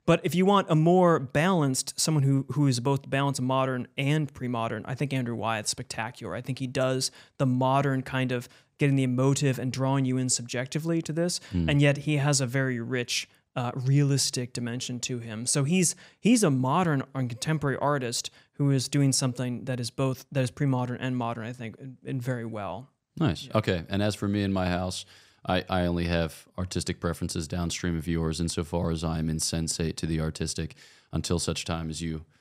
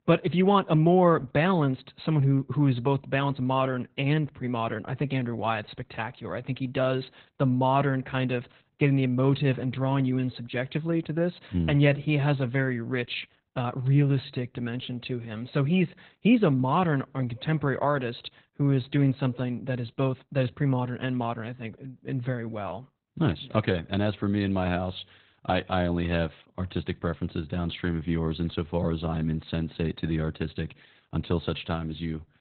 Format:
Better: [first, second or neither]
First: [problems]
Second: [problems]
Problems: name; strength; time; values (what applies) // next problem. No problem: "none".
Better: first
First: none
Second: garbled, watery; badly; nothing above 4 kHz